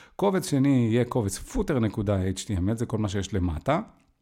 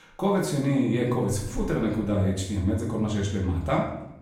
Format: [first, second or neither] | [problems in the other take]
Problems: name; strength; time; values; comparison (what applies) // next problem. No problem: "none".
first | room echo; noticeable; dies away in 0.6 s // off-mic speech; far